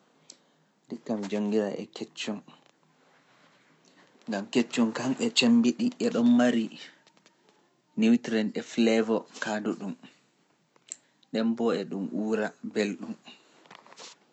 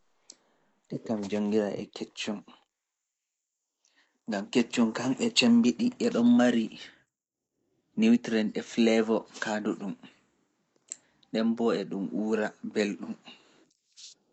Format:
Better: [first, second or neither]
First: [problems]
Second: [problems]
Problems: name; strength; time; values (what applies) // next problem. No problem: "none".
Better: first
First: none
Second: noise reduction (neural mask model Resemble Enhance denoiser)